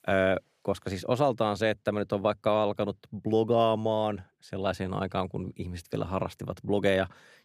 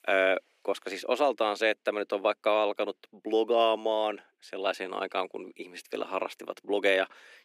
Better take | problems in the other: first | thin; somewhat; fading below 300 Hz

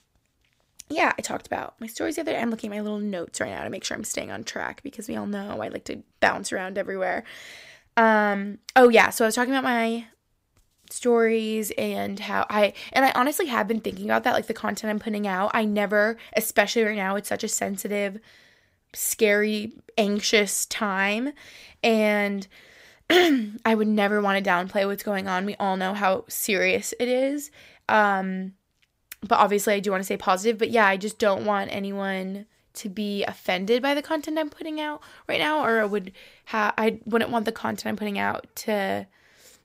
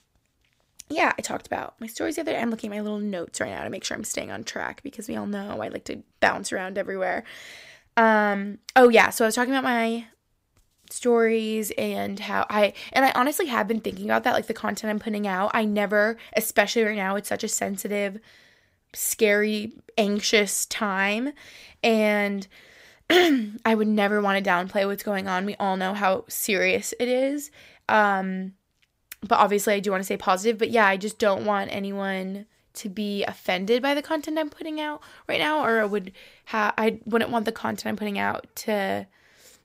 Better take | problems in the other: neither | none

